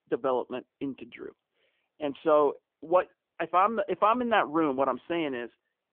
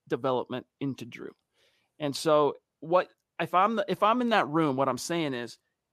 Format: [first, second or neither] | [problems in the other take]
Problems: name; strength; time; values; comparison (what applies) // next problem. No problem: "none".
second | phone-call audio; nothing above 3 kHz